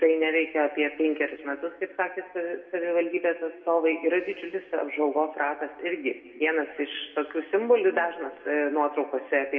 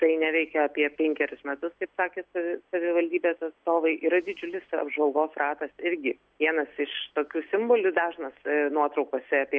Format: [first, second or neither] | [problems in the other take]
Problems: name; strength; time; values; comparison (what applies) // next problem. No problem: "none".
second | room echo; dies away in 1.2 s